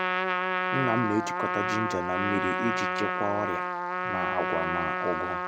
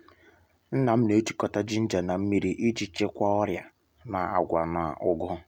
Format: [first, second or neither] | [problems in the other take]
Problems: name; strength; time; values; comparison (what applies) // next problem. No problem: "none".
second | background sound (Trumpet); 3 dB above the speech